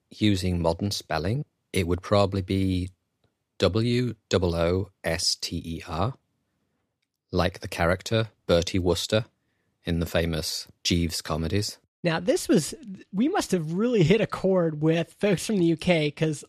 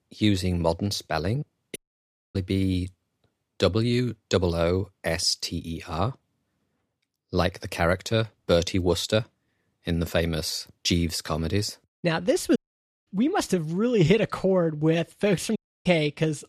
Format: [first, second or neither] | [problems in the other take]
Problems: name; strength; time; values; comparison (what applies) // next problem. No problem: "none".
first | audio cutting out; at 2 s for 0.5 s, at 13 s for 0.5 s and at 16 s